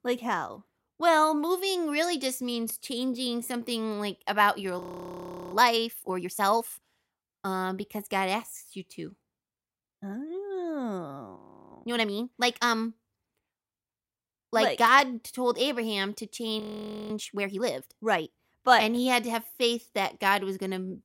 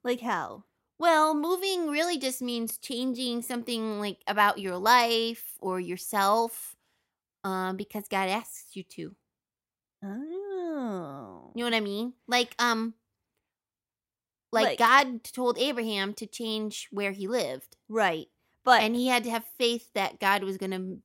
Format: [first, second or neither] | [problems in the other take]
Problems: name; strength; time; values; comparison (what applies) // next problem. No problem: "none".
second | audio freezing; at 5 s for 0.5 s, at 11 s and at 17 s for 0.5 s